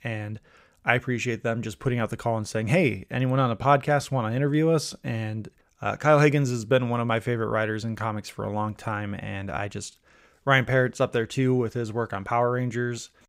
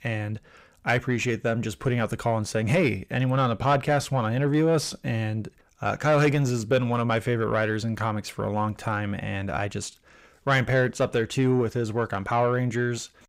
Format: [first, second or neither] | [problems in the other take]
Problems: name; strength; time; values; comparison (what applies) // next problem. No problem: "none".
first | distortion; slight; 10 dB below the speech